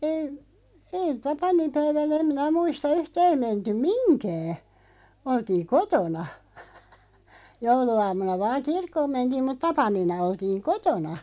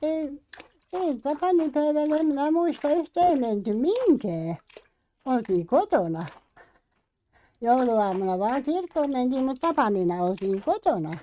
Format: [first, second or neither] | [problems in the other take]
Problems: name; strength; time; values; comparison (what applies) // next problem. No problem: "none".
first | noise reduction (neural mask model RNNoise)